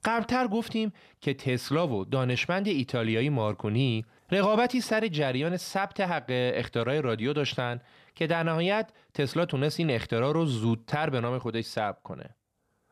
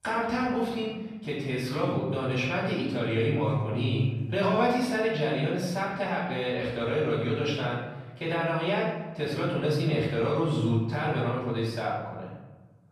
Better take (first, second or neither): first